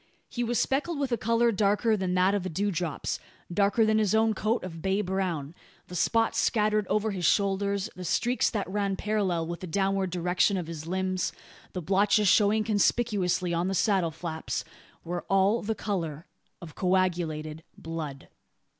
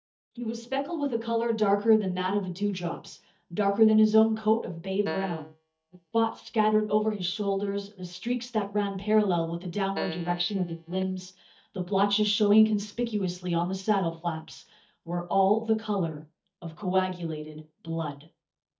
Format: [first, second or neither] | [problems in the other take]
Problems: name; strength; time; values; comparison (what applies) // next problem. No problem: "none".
first | noise reduction (neural mask model DeepFilterNet 3)